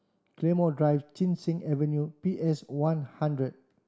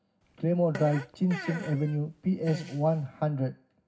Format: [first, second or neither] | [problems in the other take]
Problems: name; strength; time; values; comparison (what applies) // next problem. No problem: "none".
first | background sound (Fart); 14 dB below the speech // room echo; dies away in 0.4 s